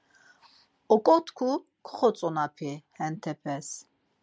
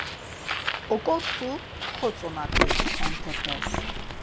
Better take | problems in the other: first | background sound (Bird); 4 dB above the speech

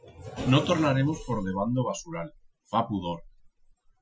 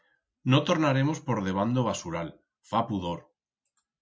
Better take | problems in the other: second | noise reduction (classical method Wiener filter)

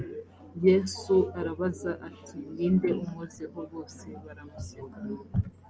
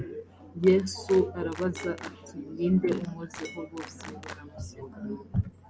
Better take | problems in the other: first | background sound (Glass + Clapping); 17 dB below the speech

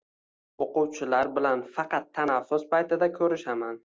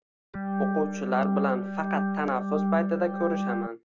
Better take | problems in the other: first | background sound (Organ); 2 dB above the speech

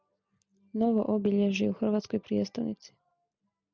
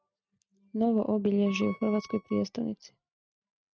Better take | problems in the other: first | noise reduction (neural mask model RNNoise)

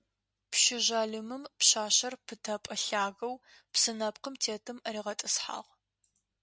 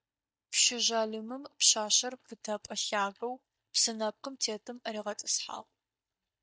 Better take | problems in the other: first | noise reduction (neural mask model DeepFilterNet 3)

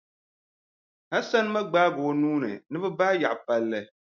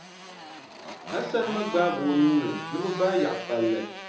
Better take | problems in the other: first | background sound (Motorcycle); 11 dB below the speech // room echo; dies away in 0.6 s

